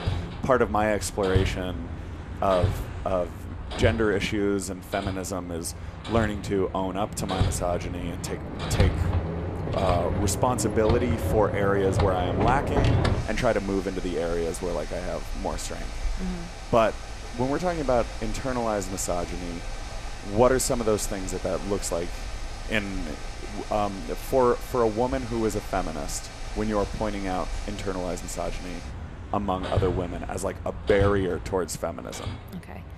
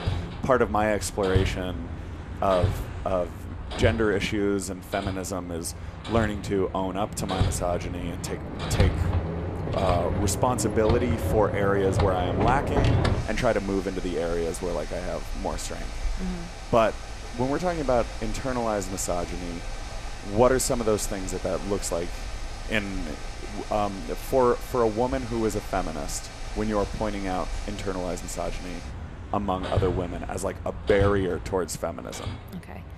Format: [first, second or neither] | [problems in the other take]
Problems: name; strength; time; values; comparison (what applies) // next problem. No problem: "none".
neither | machinery noise; loud; throughout; 5 dB below the speech; the same in both